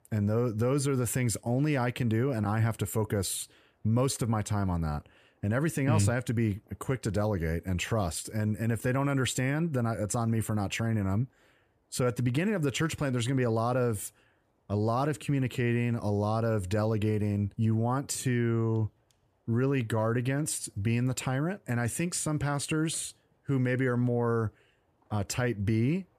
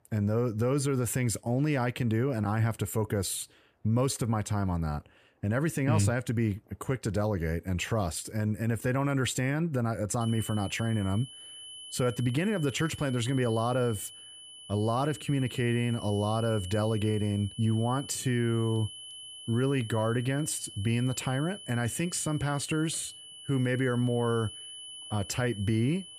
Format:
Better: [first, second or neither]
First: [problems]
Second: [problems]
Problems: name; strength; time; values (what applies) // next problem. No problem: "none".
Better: first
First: none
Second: high-pitched whine; noticeable; from 10 s on; 3 kHz, 15 dB below the speech